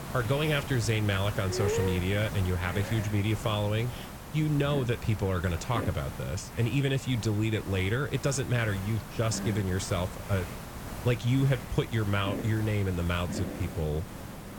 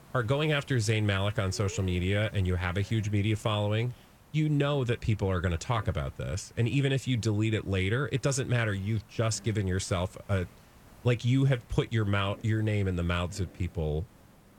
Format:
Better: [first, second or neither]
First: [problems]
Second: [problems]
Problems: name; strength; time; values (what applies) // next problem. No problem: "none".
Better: second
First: hiss; loud; throughout; 9 dB below the speech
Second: hiss; faint; throughout; 25 dB below the speech